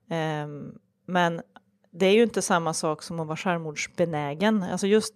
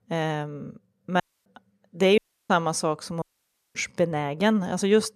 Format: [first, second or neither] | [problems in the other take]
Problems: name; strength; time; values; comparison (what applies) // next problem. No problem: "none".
first | audio cutting out; at 1 s, at 2 s and at 3 s for 0.5 s